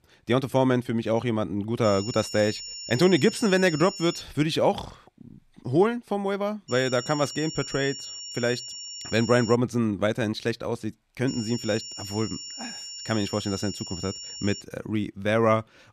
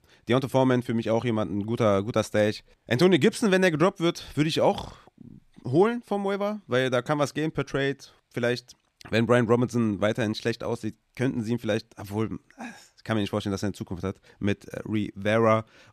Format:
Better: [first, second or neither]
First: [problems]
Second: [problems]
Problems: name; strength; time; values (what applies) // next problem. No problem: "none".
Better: second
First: high-pitched whine; loud; from 2 to 4 s, from 6.5 to 9.5 s and from 11 to 15 s; 5.5 kHz, 10 dB below the speech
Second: none